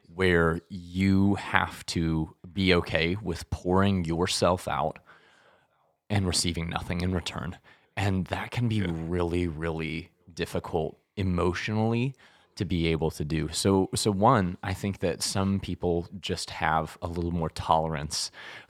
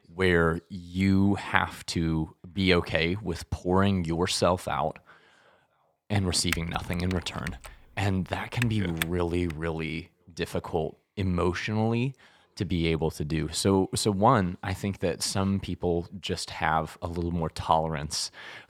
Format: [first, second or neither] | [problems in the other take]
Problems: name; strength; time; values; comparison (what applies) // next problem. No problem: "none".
first | keyboard typing; noticeable; from 6.5 to 9.5 s; peak 6 dB below the speech